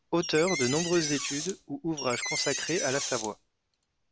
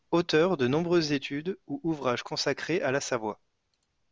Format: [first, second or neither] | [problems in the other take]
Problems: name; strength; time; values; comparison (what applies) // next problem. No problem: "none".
second | background sound (Door); 4 dB below the speech